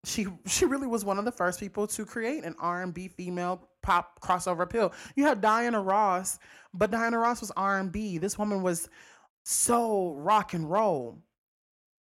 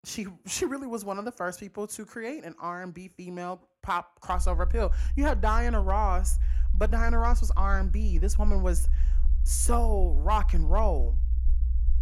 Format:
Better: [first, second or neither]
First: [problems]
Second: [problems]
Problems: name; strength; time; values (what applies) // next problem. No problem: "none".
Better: first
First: none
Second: low rumble; noticeable; from 4.5 s on; 20 dB below the speech